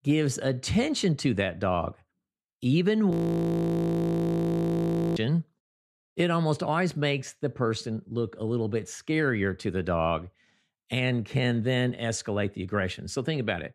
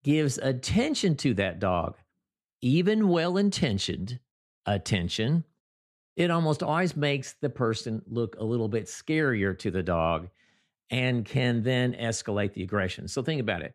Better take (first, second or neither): second